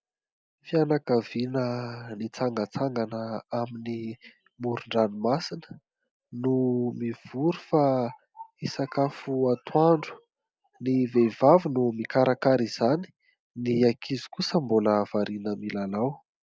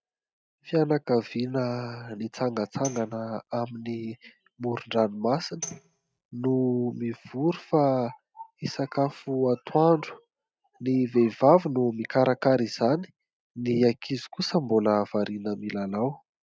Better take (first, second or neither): first